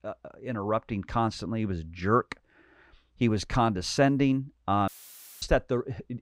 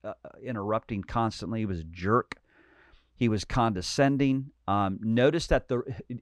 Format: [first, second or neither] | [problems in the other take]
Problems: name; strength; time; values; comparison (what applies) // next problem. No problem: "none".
second | audio cutting out; filled with static; at 5 s for 0.5 s